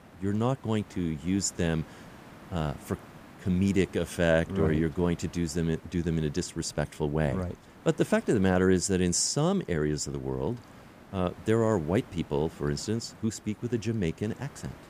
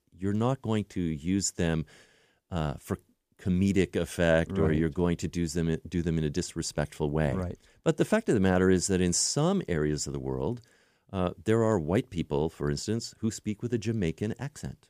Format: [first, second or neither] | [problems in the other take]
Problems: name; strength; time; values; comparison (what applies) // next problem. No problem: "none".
second | hiss; faint; throughout; 20 dB below the speech